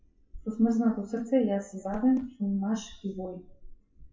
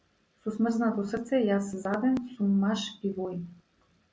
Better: second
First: noise reduction (classical method WPE with log-MMSE)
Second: none

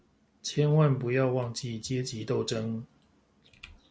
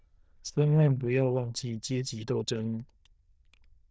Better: first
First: none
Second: noise reduction (neural diffusion model UNIVERSE++)

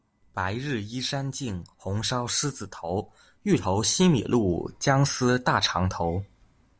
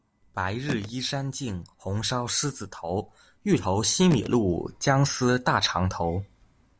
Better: first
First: none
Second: background sound (Telephone); 14 dB below the speech

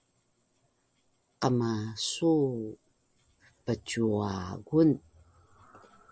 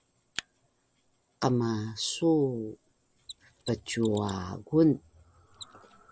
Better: first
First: none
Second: background sound (Mechanisms); 20 dB below the speech

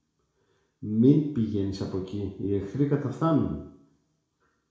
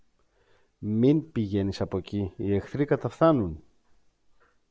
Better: second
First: room echo; dies away in 0.6 s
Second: none

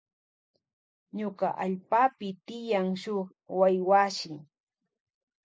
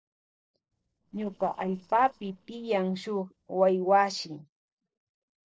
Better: first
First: none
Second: noise reduction (neural separator model SepFormer DNS4)

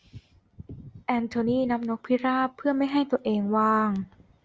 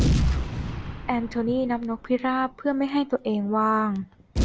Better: first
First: none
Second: background sound (Boom); 2 dB below the speech

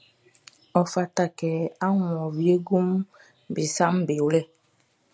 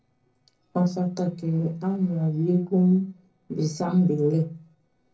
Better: first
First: none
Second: noise reduction (neural separator model SepFormer DNS4)

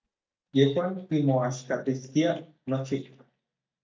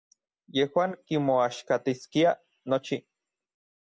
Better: second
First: noise reduction (neural mask model DeepFilterNet 3)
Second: none

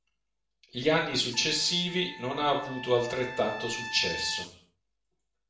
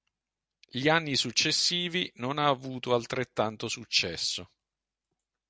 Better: second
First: background sound (Trumpet); 10 dB below the speech // room echo; dies away in 0.5 s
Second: none

